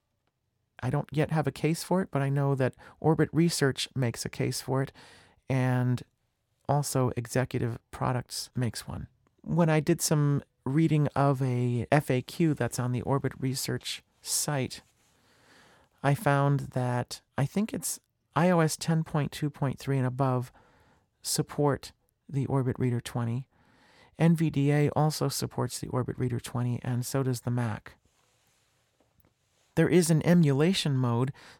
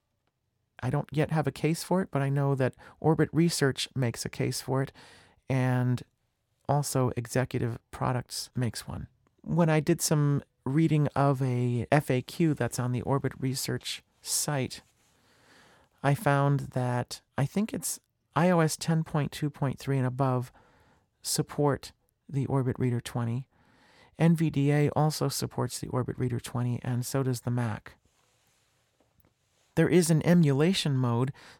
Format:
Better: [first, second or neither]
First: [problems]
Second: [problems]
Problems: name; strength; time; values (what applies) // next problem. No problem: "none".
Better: neither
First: none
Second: none